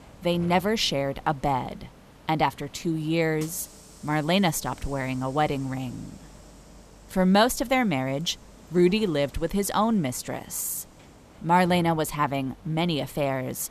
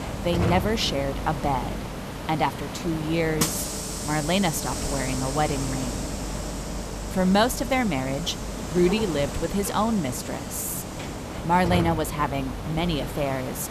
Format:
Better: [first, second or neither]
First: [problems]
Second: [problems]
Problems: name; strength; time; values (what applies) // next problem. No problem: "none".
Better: first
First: hiss; faint; throughout; 25 dB below the speech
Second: hiss; loud; throughout; 5 dB below the speech